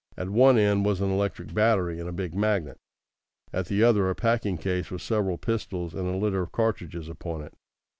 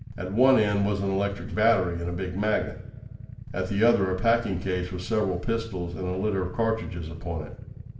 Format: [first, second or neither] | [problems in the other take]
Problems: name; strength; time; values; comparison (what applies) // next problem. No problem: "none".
first | background sound (Idling / Motorcycle); 14 dB below the speech // room echo; dies away in 0.8 s